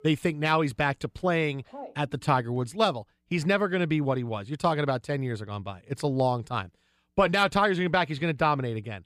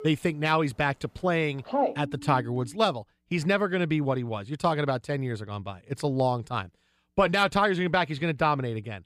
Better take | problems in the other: first | alarms or sirens; loud; until 2.5 s; 5 dB below the speech; faint in the first

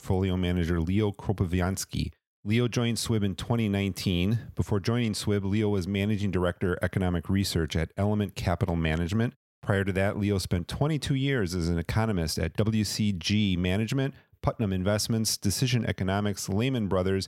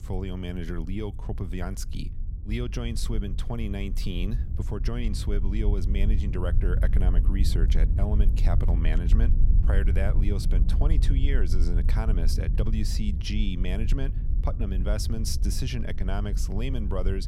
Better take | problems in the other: first | wind noise on the microphone; heavy; 9 dB below the speech

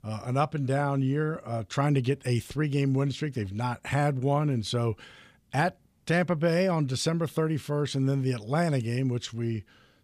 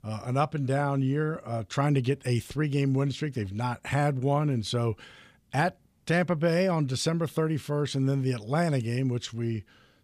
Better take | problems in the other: neither | none

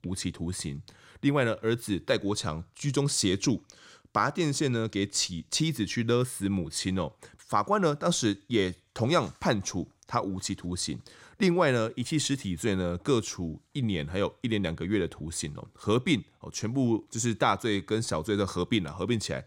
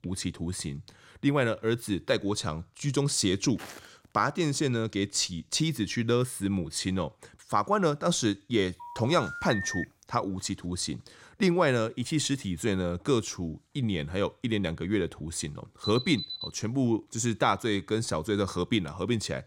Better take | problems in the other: first | footsteps; faint; at 3.5 s; peak 15 dB below the speech // phone ringing; noticeable; from 9 to 10 s; peak 5 dB below the speech // alarm; noticeable; at 16 s; peak 6 dB below the speech

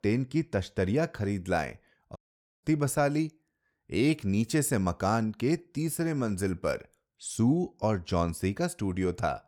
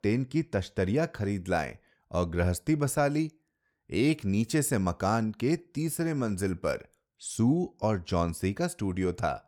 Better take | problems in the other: second | audio cutting out; at 2 s

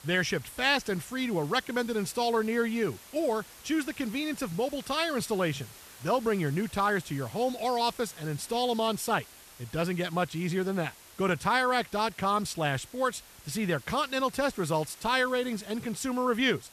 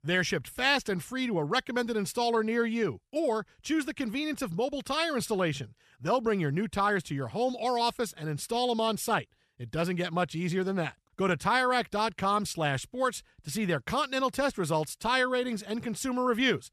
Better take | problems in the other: second | hiss; noticeable; throughout; 20 dB below the speech

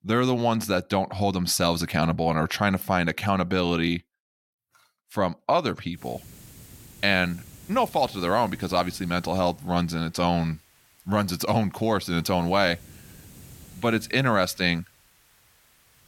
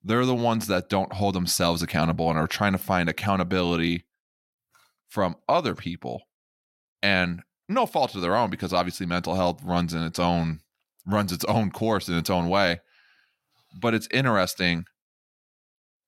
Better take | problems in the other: second | hiss; faint; from 6 s on; 25 dB below the speech

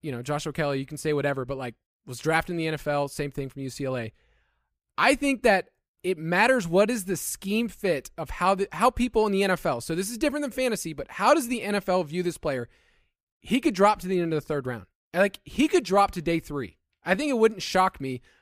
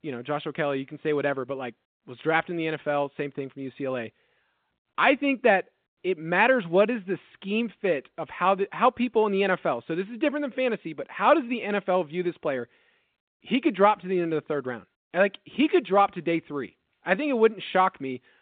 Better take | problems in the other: first | phone-call audio; nothing above 3.5 kHz

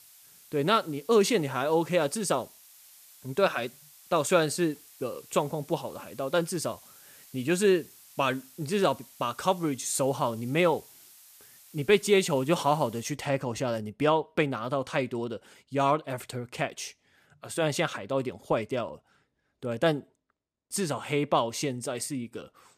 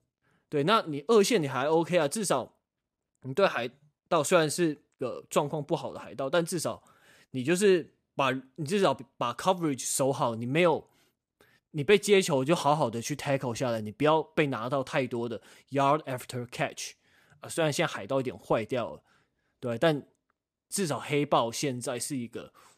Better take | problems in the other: second | hiss; faint; until 13 s; 20 dB below the speech

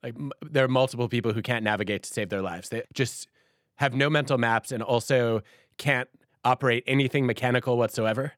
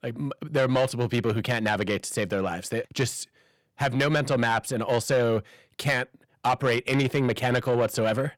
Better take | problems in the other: first | distortion; slight; 10 dB below the speech

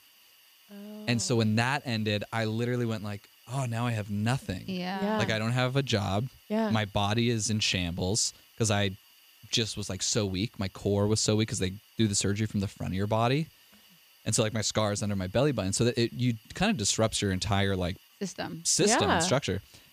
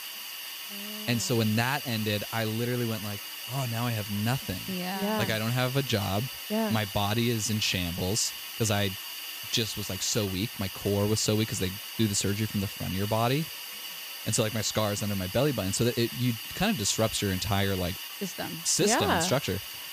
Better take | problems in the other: first | hiss; loud; throughout; 7 dB below the speech; faint in the first

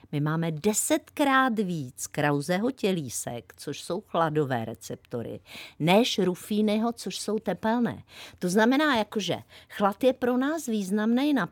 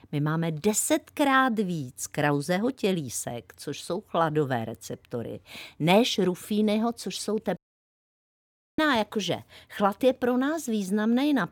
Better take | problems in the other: first | audio cutting out; at 7.5 s for 1 s

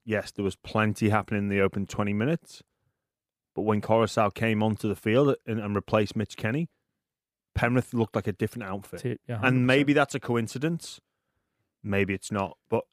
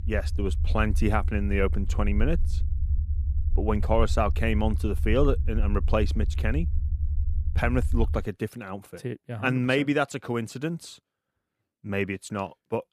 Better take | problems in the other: first | low rumble; noticeable; until 8 s; 20 dB below the speech

